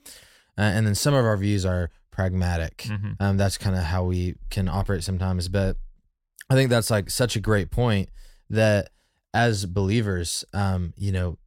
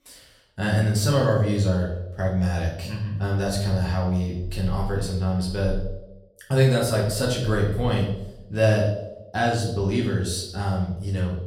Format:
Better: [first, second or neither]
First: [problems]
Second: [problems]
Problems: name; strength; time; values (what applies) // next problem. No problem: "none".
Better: first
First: none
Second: room echo; noticeable; dies away in 0.7 s // off-mic speech; far